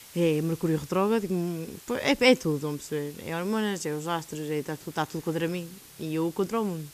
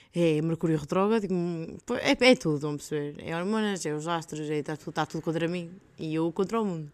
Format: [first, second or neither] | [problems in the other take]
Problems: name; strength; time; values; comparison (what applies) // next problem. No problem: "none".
second | hiss; noticeable; throughout; 20 dB below the speech